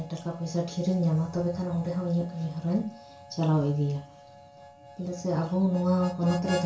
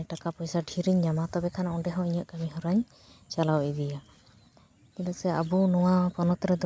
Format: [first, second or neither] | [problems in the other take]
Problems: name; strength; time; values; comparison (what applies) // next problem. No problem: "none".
second | background sound (Harmonica); 17 dB below the speech // room echo; dies away in 0.3 s